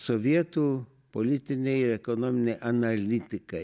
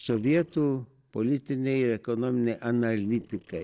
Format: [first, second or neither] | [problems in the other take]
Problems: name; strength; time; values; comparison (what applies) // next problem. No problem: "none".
first | noise reduction (neural separator model SepFormer DNS4)